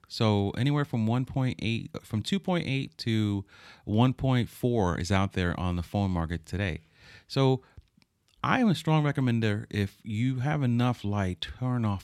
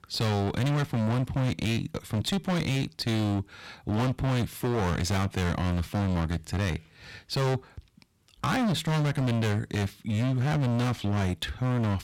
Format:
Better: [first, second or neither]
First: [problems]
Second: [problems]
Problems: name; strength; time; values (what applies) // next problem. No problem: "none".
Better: first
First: none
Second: distortion; heavy; 34% of the sound clipped